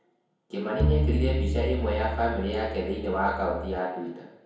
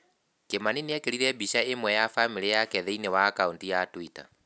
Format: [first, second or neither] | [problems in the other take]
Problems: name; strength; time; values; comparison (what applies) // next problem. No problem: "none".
second | background sound (Bowed string instrument); 1 dB above the speech // room echo; dies away in 0.9 s